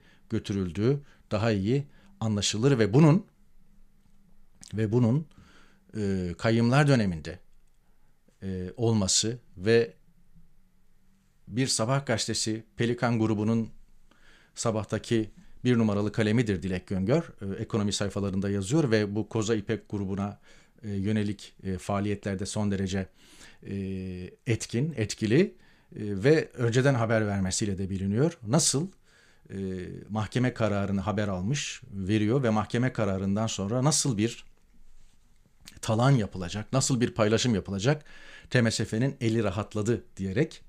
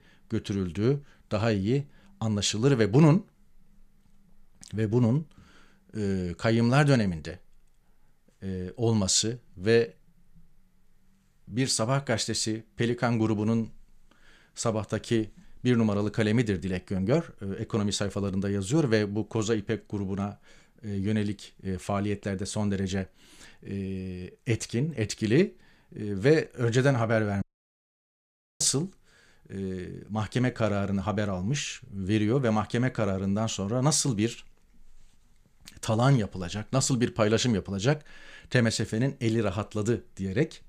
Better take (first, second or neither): first